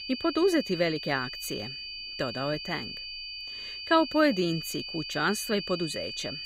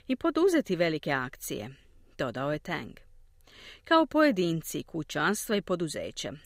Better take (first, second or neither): second